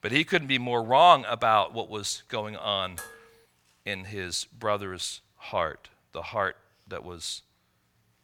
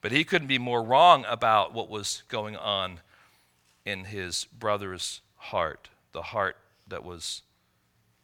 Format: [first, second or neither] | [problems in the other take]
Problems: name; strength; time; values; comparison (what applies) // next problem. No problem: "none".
second | clattering dishes; faint; at 3 s; peak 15 dB below the speech